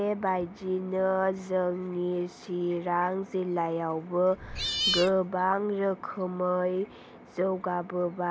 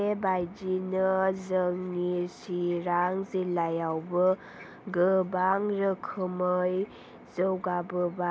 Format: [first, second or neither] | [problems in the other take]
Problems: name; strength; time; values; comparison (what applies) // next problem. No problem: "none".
second | background sound (Cat); 2 dB below the speech